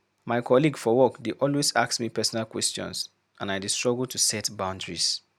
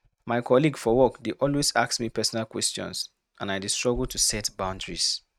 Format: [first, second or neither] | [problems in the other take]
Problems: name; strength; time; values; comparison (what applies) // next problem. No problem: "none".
first | noise reduction (neural mask model RNNoise)